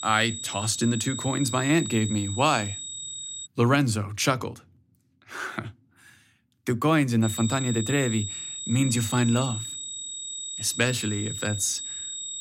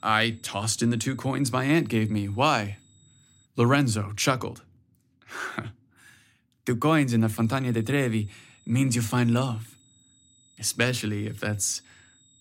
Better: second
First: high-pitched whine; loud; until 3.5 s and from 7 s on; 8 kHz, 7 dB below the speech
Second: high-pitched whine; faint; until 3.5 s and from 7 s on; 8 kHz, 30 dB below the speech

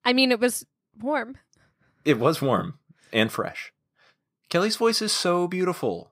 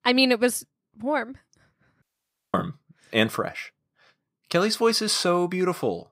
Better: first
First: none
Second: audio cutting out; at 2 s for 0.5 s

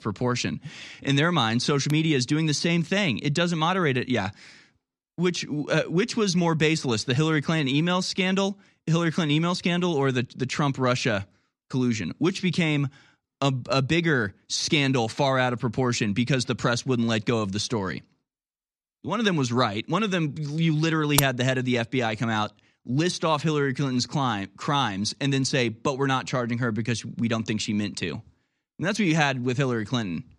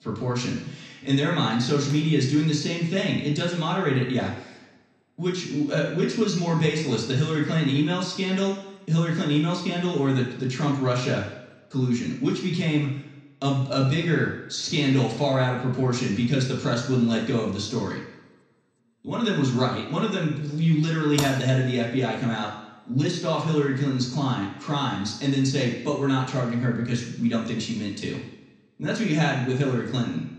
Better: first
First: none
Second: room echo; noticeable; dies away in 0.9 s // off-mic speech; far

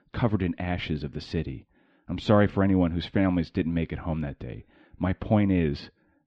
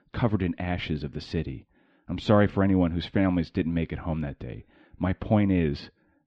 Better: neither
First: muffled; slightly; fading above 3.5 kHz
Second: muffled; slightly; fading above 3.5 kHz

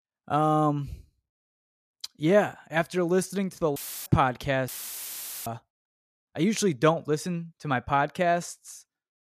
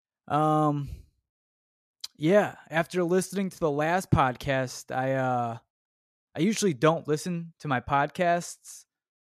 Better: second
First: audio cutting out; filled with static; at 4 s and at 4.5 s for 1 s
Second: none

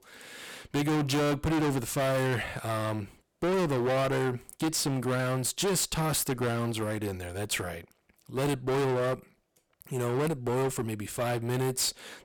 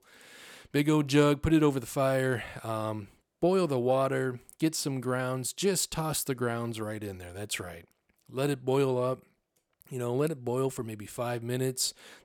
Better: second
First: distortion; heavy; 21% of the sound clipped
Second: none

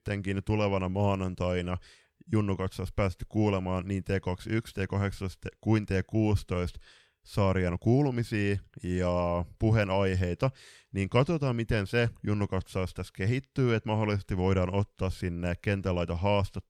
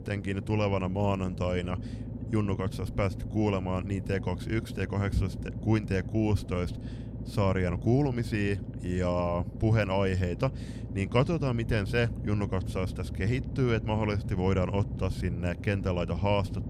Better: first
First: none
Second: low rumble; noticeable; throughout; 15 dB below the speech

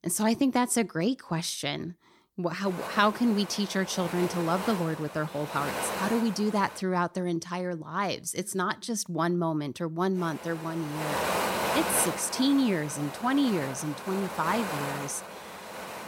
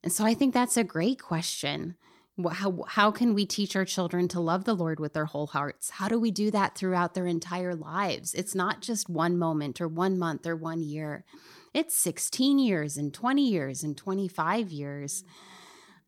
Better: second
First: wind noise on the microphone; heavy; from 2.5 to 7 s and from 10 s on; 3 dB below the speech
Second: none

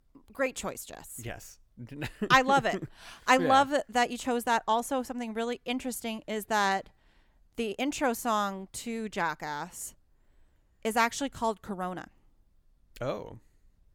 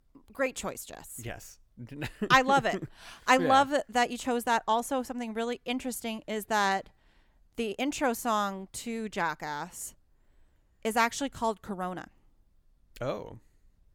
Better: neither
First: none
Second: none

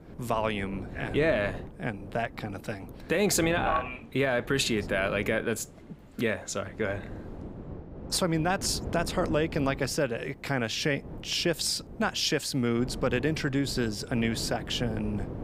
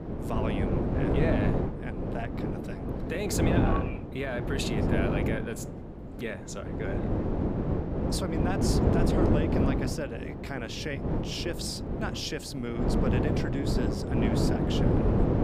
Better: first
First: wind noise on the microphone; occasional gusts; 15 dB below the speech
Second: wind noise on the microphone; heavy; 2 dB above the speech

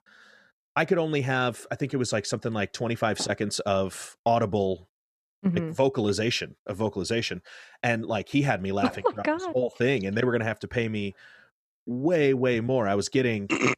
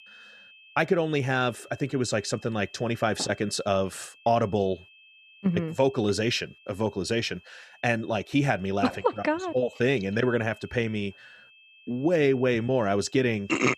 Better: first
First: none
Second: high-pitched whine; faint; throughout; 2.5 kHz, 25 dB below the speech

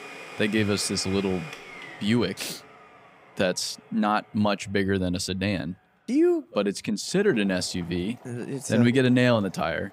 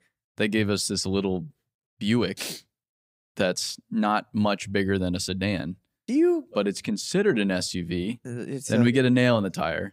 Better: second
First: household noises; noticeable; throughout; 20 dB below the speech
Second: none

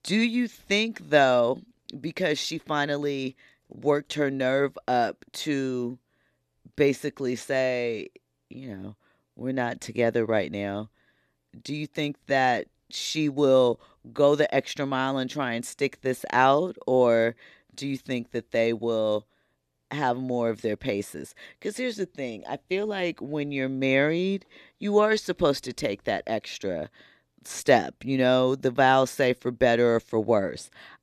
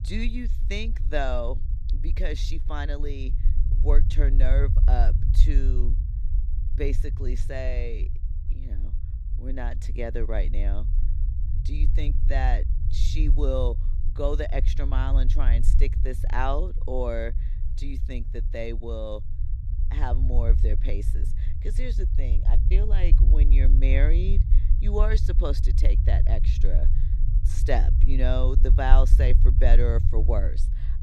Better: first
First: none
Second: low rumble; noticeable; throughout; 10 dB below the speech

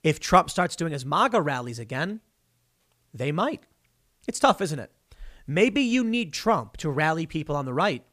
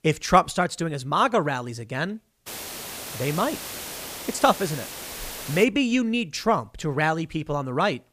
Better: first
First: none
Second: hiss; loud; from 2.5 to 5.5 s; 10 dB below the speech

